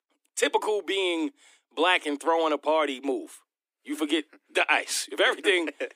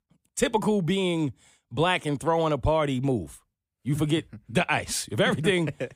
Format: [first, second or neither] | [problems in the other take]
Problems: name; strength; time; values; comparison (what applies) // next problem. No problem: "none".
second | thin; somewhat; fading below 300 Hz